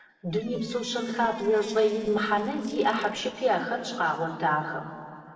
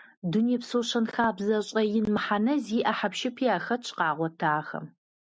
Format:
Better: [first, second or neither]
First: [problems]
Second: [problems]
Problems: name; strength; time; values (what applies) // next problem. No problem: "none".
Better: second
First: noise reduction (neural separator model SepFormer DNS4)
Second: none